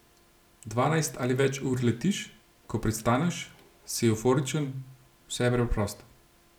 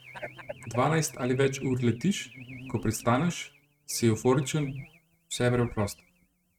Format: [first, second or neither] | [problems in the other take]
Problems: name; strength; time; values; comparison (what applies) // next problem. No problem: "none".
first | noise reduction (neural mask model RNNoise)